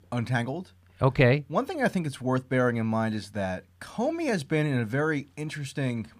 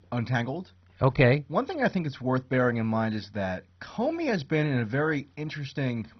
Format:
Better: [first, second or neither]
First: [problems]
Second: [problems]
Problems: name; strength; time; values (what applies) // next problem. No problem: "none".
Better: first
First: none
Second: garbled, watery; badly; nothing above 6 kHz